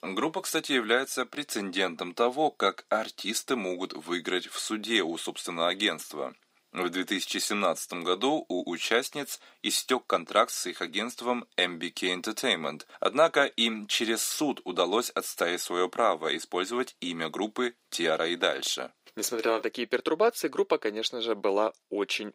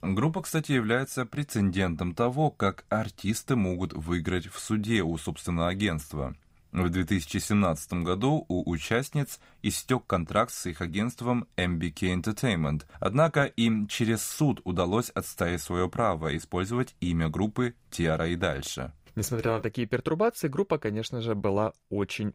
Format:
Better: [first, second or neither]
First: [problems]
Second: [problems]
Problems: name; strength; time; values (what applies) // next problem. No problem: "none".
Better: second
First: thin; somewhat; fading below 300 Hz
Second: none